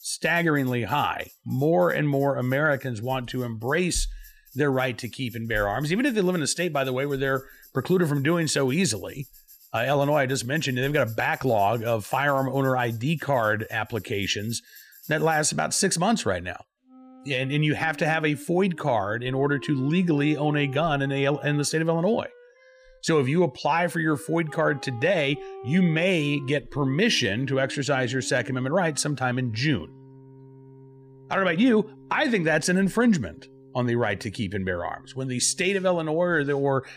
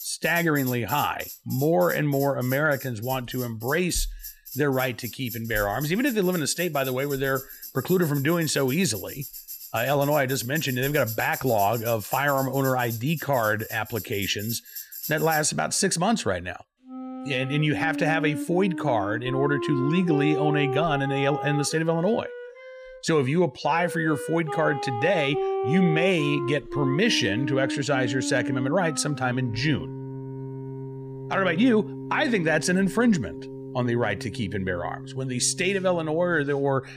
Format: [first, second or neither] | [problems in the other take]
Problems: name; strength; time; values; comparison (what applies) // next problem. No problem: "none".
first | background music; loud; throughout; 9 dB below the speech; faint in the first